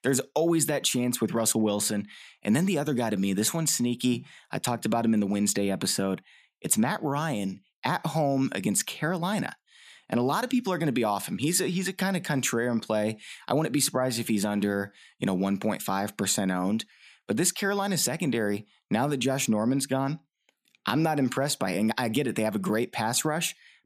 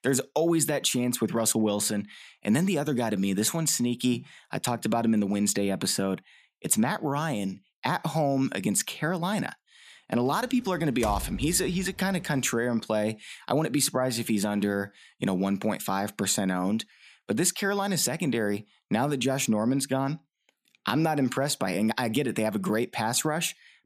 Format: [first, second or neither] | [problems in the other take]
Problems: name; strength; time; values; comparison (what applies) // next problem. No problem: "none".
first | door banging; noticeable; from 11 to 12 s; peak 9 dB below the speech